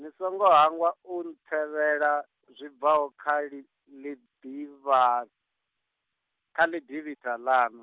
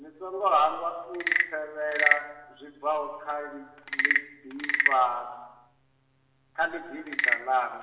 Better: first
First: none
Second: background sound (Wood / Percussion / Frog); 1 dB below the speech // room echo; dies away in 1.1 s

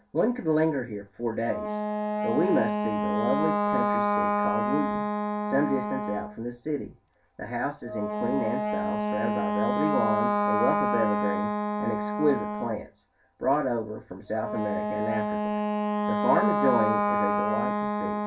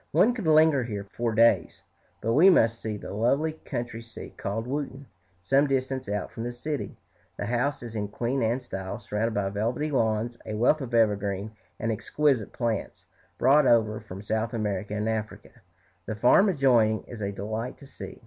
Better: second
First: background sound (Wind instrument, woodwind instrument); 2 dB above the speech // room echo; dies away in 0.2 s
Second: none

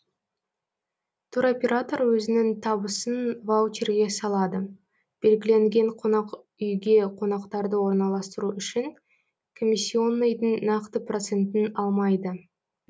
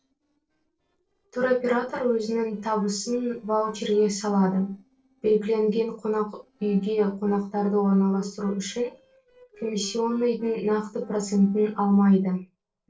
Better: first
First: none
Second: noise reduction (neural separator model SepFormer DNS4)

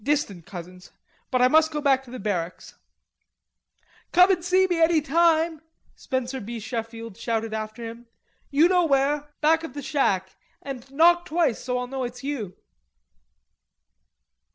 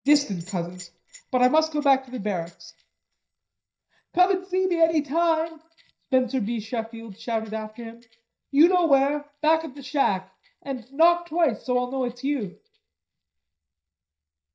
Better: first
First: none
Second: noise reduction (neural mask model DeepFilterNet 3)

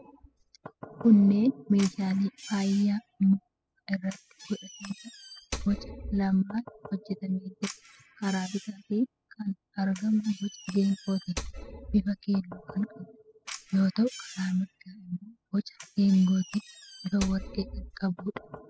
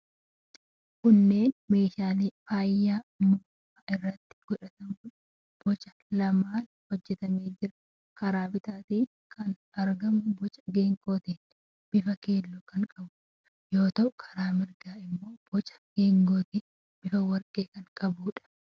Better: second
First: noise reduction (classical method spectral subtraction)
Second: none

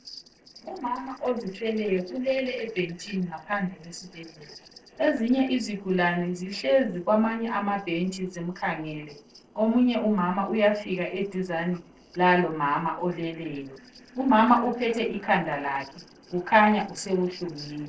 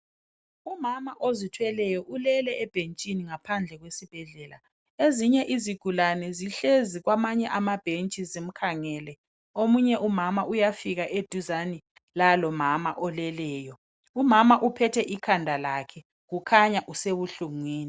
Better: second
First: noise reduction (neural separator model SepFormer DNS4)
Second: none

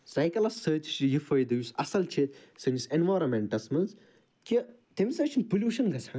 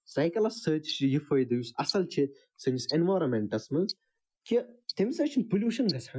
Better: first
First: none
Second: noise reduction (classical method Wiener filter)

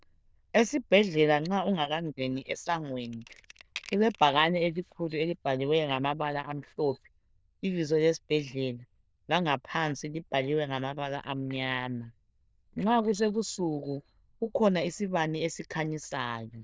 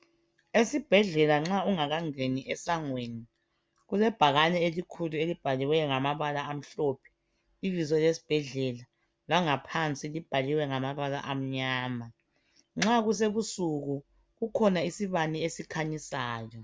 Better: second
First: noise reduction (neural diffusion model UNIVERSE++)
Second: none

